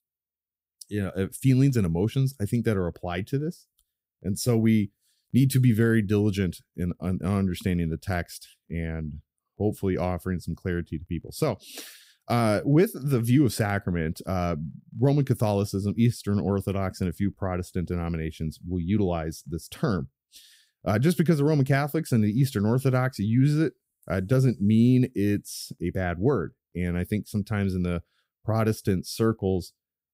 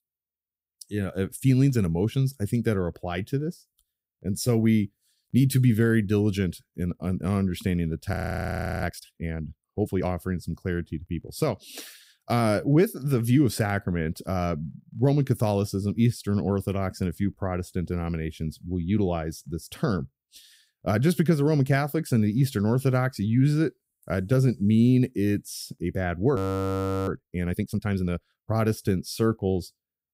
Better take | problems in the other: first | audio freezing; at 8 s for 0.5 s and at 26 s for 0.5 s

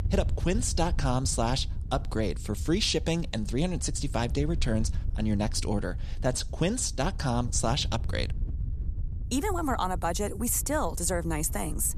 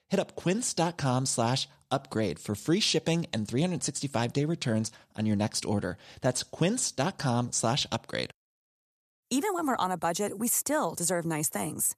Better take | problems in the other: second | wind noise on the microphone; occasional gusts; 20 dB below the speech

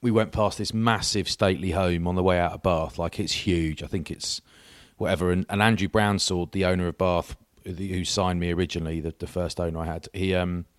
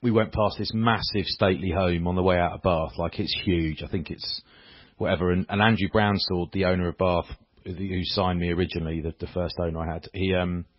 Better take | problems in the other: first | garbled, watery; badly; nothing above 5.5 kHz

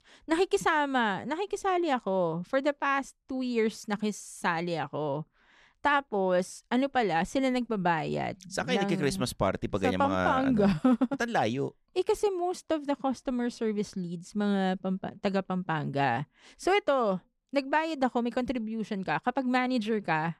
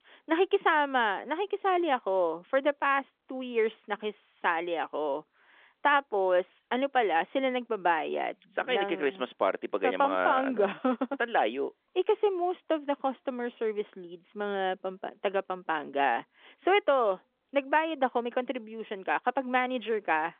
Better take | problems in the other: first | phone-call audio; nothing above 3.5 kHz

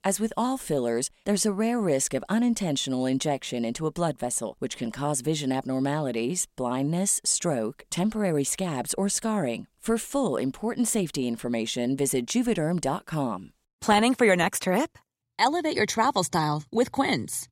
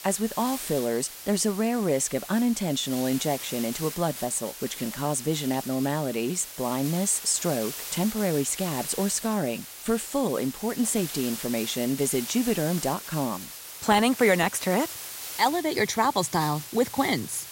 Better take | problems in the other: first | hiss; loud; throughout; 9 dB below the speech

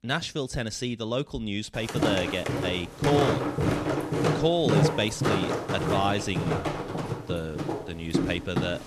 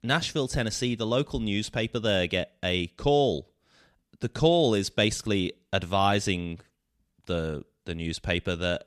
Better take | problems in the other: second | footsteps; loud; from 2 s on; peak 6 dB above the speech

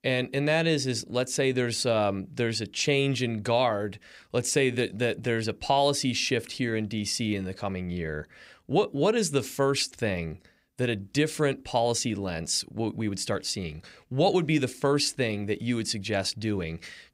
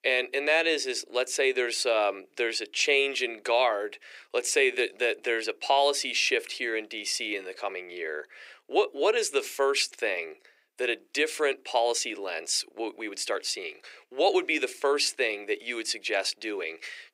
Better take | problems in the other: first | thin; very; fading below 350 Hz

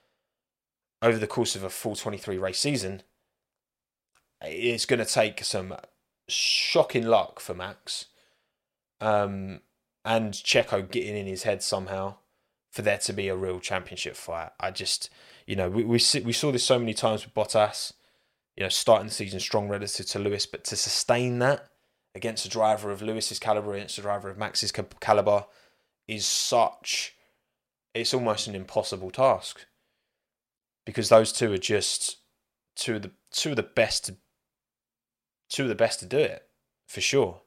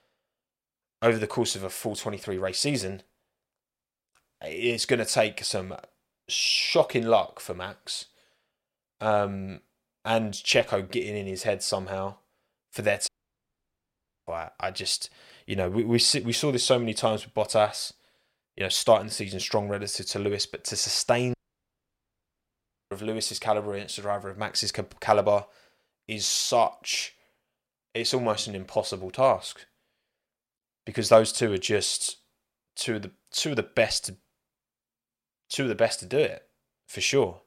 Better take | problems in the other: first | audio cutting out; at 13 s for 1 s and at 21 s for 1.5 s

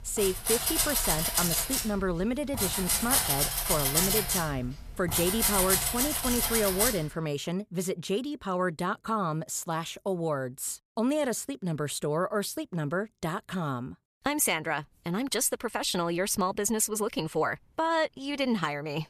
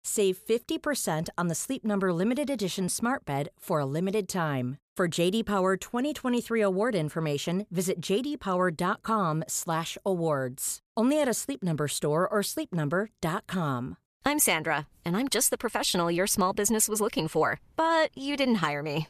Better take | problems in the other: second | household noises; very loud; until 7 s; 4 dB above the speech

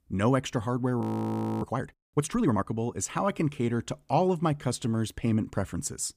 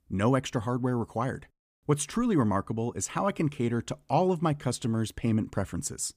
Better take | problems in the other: second | audio freezing; at 1 s for 0.5 s

